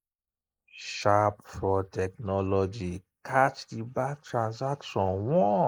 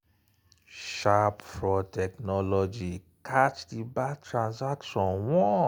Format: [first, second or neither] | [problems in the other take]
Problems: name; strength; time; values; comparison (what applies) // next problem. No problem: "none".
second | noise reduction (neural mask model Resemble Enhance denoiser)